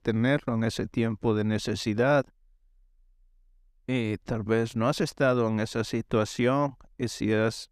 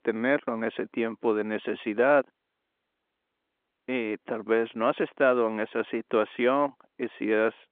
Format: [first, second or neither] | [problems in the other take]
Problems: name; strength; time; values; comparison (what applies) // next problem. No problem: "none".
first | phone-call audio; nothing above 3.5 kHz